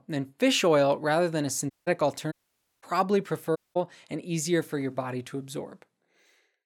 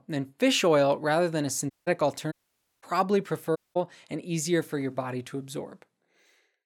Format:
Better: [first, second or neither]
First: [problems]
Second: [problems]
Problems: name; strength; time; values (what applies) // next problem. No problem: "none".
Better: neither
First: audio cutting out; at 1.5 s, at 2.5 s for 0.5 s and at 3.5 s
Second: audio cutting out; at 1.5 s, at 2.5 s for 0.5 s and at 3.5 s